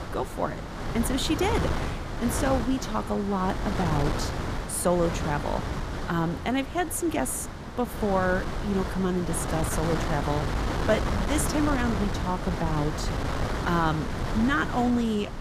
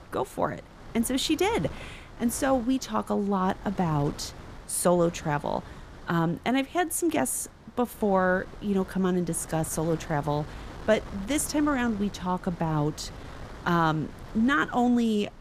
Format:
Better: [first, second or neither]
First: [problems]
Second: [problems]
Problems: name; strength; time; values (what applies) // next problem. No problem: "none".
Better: second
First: wind noise on the microphone; heavy; 4 dB below the speech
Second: wind noise on the microphone; occasional gusts; 20 dB below the speech